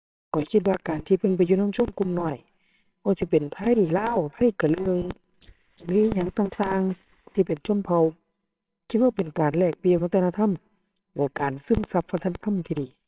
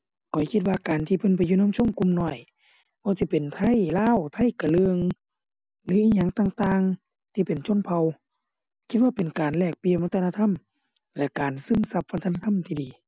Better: second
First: noise reduction (neural separator model SepFormer WHAMR!)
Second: none

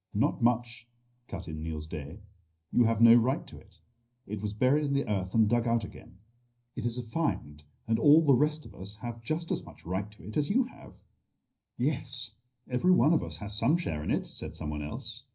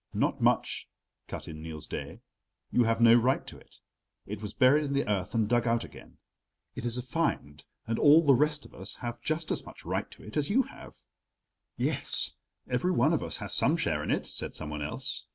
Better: second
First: room echo; dies away in 0.4 s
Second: none

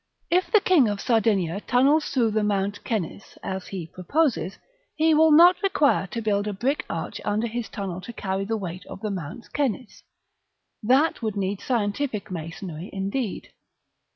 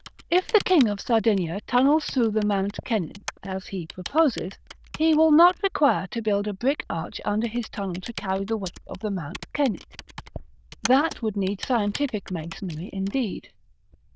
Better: first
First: none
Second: noise reduction (neural diffusion model UNIVERSE++)

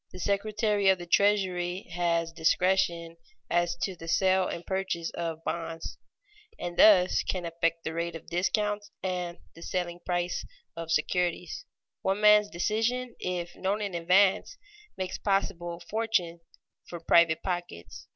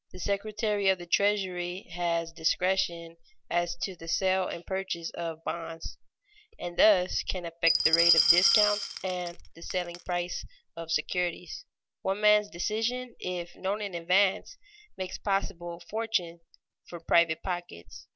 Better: first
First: none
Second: background sound (Glass); 2 dB above the speech

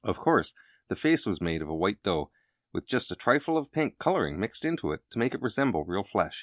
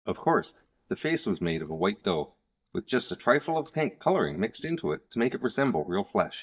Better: first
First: none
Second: noise reduction (neural mask model DeepFilterNet 3)

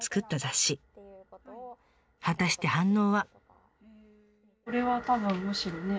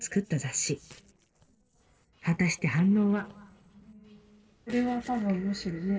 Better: first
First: none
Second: noise reduction (neural separator model SepFormer DNS4)

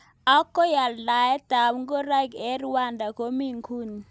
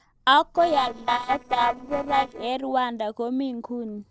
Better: first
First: none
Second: noise reduction (neural separator model SepFormer DNS4)

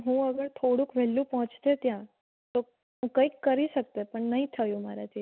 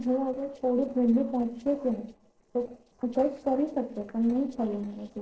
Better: first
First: none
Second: noise reduction (neural separator model SepFormer DNS4)

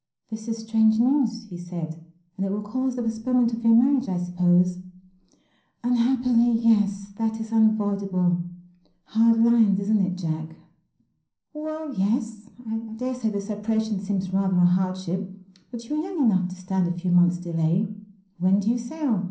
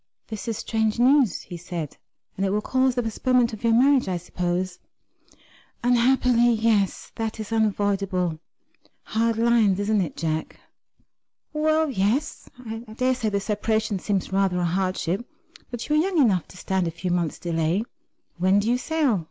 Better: second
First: room echo; dies away in 0.6 s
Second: none

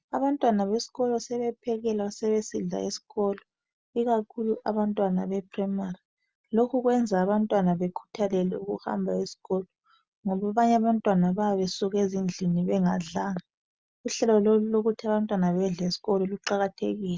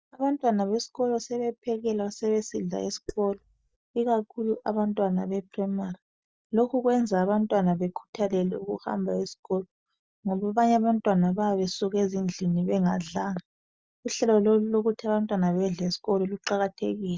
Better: first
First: none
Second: noise reduction (neural mask model DeepFilterNet 3)

